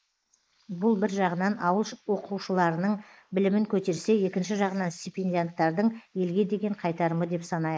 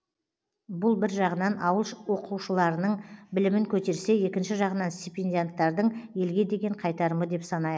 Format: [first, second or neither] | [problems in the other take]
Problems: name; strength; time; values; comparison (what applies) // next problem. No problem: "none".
second | noise reduction (neural mask model Resemble Enhance denoiser)